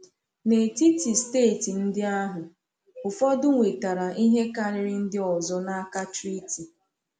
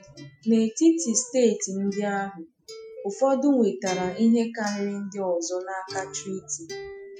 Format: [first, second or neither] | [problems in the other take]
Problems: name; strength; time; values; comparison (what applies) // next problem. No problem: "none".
first | noise reduction (classical method Wiener filter)